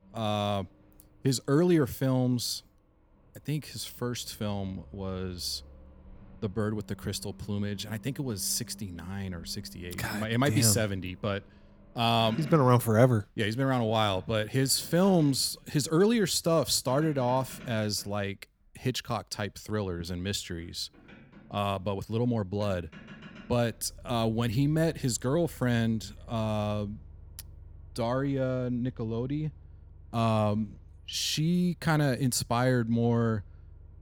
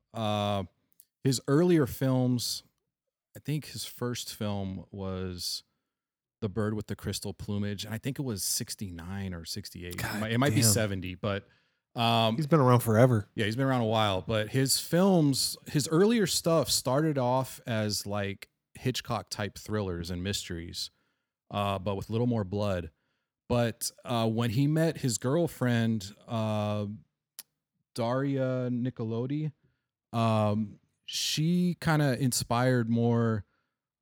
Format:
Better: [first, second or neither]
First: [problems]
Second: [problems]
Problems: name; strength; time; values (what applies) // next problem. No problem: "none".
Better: second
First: traffic noise; faint; throughout; 20 dB below the speech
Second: none